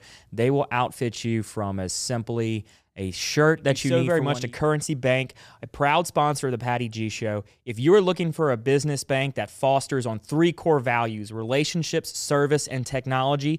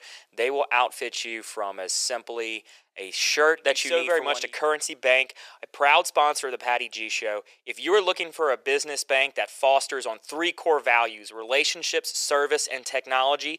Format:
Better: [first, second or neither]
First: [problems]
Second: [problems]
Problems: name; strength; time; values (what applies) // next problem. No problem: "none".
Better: first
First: none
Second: thin; very; fading below 450 Hz